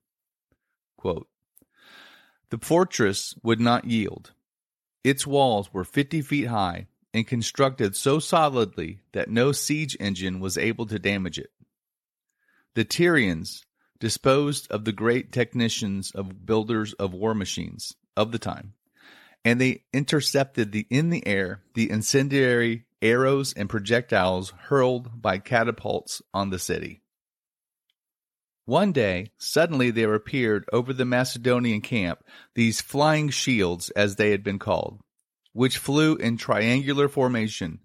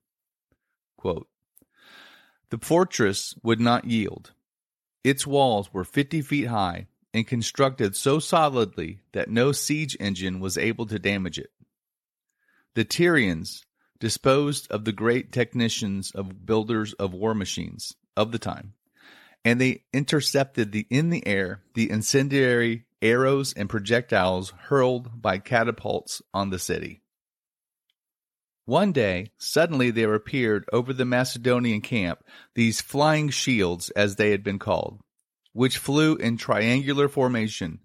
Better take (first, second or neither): neither